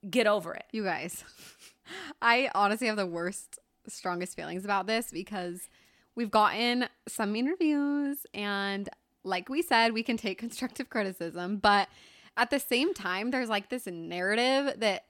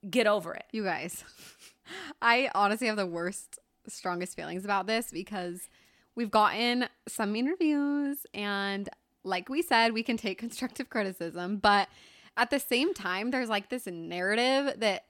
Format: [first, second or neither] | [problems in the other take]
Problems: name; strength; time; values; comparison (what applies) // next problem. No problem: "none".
neither | none